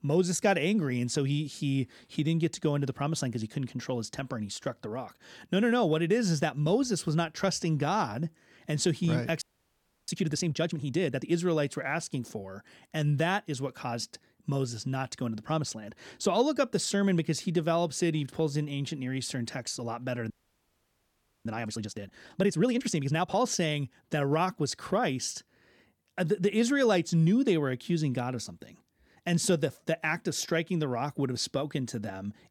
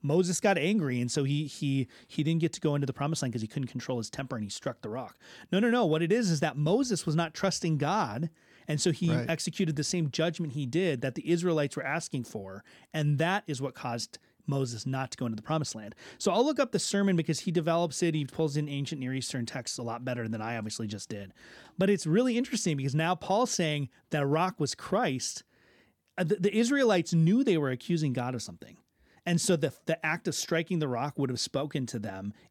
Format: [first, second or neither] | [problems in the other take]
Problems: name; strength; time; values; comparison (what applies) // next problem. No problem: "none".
second | audio freezing; at 9.5 s for 0.5 s and at 20 s for 1 s